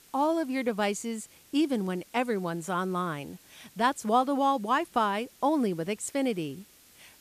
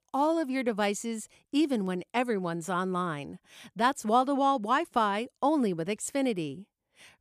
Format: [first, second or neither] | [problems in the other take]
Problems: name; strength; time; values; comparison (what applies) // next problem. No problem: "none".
second | hiss; faint; throughout; 25 dB below the speech